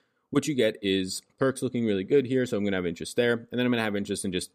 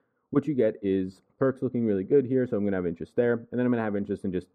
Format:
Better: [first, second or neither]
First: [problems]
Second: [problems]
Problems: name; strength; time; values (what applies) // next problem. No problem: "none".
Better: first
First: none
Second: muffled; very; fading above 2 kHz